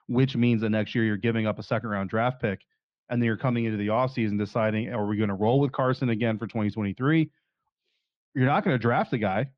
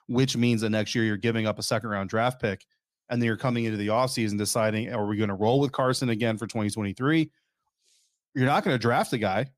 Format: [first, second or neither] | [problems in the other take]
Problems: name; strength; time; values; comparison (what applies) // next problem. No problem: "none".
second | muffled; very; fading above 3 kHz